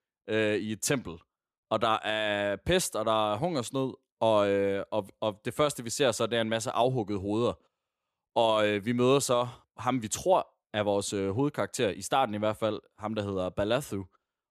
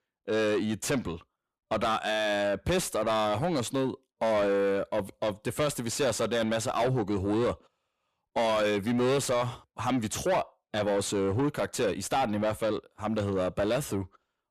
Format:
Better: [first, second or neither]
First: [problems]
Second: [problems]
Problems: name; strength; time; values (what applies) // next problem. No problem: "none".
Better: first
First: none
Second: distortion; heavy; 7 dB below the speech